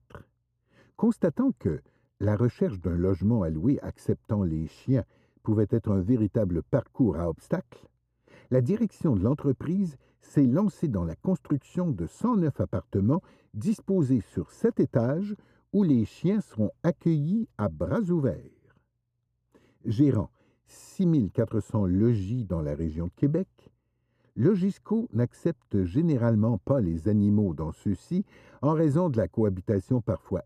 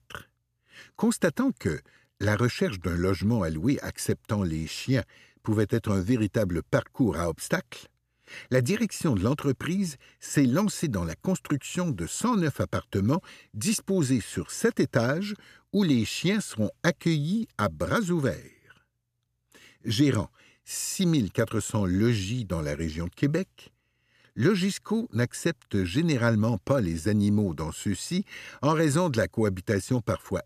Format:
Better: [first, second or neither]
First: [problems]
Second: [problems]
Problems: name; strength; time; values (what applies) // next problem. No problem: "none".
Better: second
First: muffled; very; fading above 1 kHz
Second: none